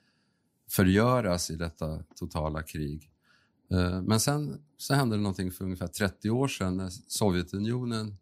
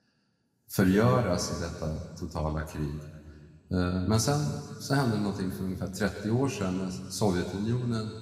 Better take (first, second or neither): first